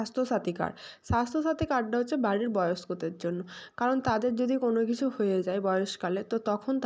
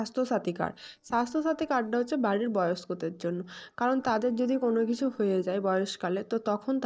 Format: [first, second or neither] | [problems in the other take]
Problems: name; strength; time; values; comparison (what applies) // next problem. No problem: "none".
first | noise reduction (neural separator model SepFormer DNS4)